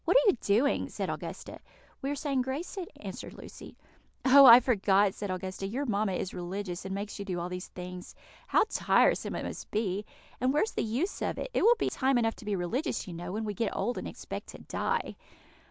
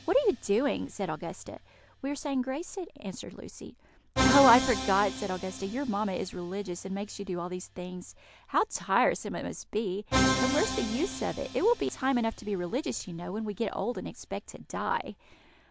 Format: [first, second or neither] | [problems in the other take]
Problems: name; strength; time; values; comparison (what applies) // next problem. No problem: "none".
first | background sound (Musical instrument); 6 dB below the speech